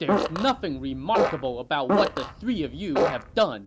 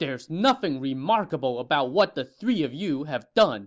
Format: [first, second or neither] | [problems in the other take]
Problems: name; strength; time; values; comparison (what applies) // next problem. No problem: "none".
second | background sound (Fart); as loud as the speech